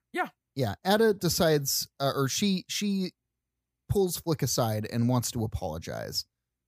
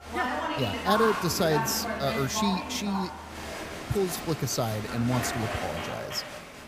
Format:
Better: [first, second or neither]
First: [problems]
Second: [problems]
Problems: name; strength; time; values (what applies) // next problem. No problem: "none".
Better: first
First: none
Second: crowd noise; loud; throughout; 3 dB below the speech